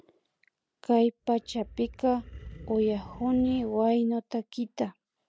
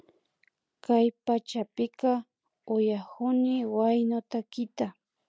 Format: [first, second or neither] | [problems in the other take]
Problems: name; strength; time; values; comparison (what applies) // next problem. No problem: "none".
second | background sound (Animal); 17 dB below the speech